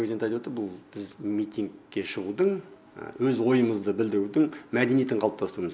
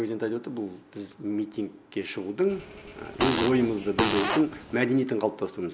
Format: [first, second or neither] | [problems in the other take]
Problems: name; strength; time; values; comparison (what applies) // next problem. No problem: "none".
first | background sound (Fart); 3 dB below the speech